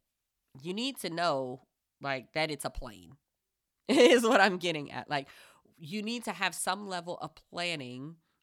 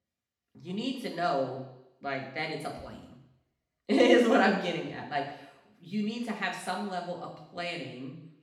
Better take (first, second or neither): first